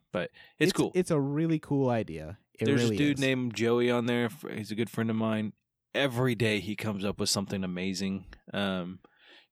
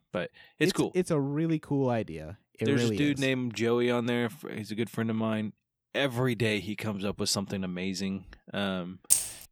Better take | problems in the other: first | jangling keys; loud; at 9 s; peak 5 dB above the speech

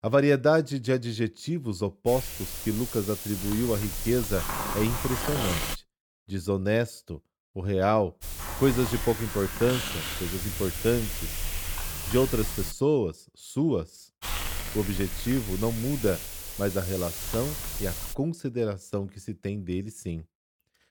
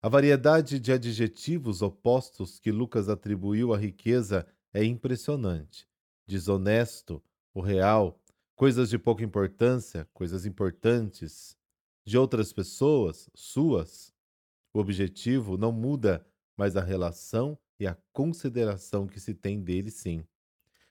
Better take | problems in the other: second | hiss; loud; from 2 to 5.5 s, from 8 to 13 s and from 14 to 18 s; 5 dB below the speech

